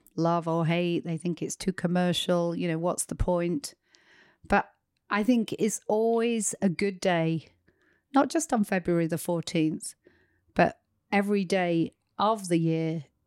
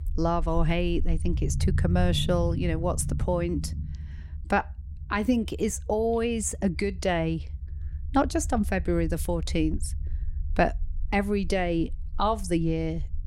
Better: first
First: none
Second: low rumble; faint; throughout; 20 dB below the speech

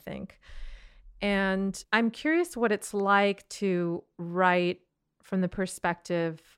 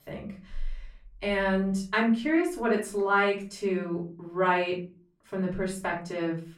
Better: first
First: none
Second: off-mic speech; far // room echo; slight; dies away in 0.3 s

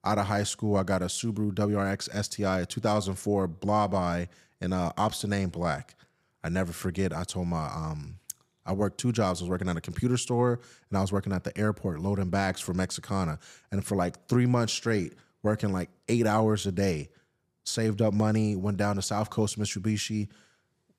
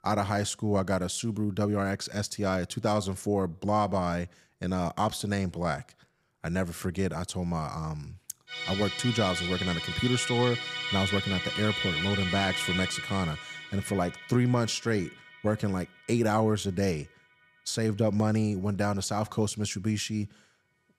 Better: first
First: none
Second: background music; loud; throughout; 2 dB below the speech

